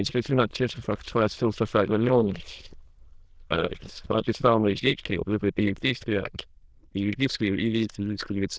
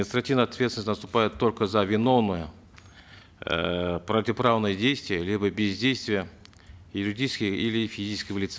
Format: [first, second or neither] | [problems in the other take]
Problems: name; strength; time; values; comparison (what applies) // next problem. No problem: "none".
second | noise reduction (neural diffusion model UNIVERSE++)